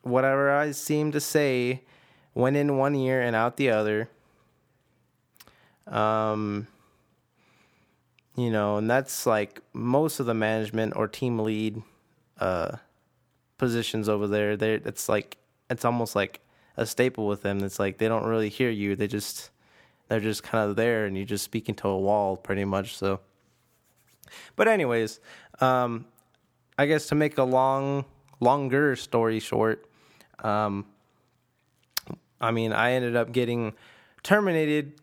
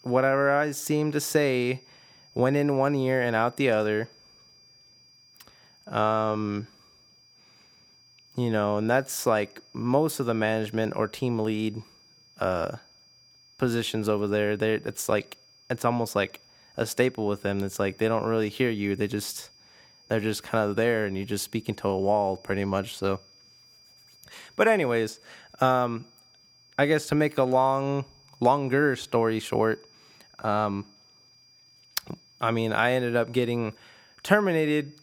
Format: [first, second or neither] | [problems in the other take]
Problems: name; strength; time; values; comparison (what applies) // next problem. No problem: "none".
first | high-pitched whine; faint; throughout; 5 kHz, 30 dB below the speech